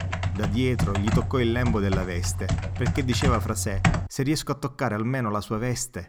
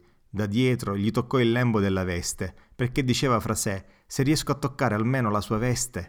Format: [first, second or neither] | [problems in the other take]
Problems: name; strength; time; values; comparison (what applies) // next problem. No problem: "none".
second | keyboard typing; loud; until 4 s; peak 3 dB above the speech